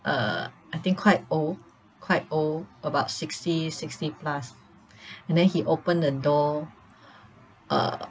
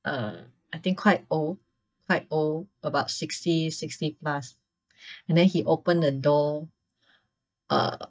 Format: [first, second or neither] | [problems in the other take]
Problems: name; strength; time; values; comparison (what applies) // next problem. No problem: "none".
first | noise reduction (neural mask model DeepFilterNet 3)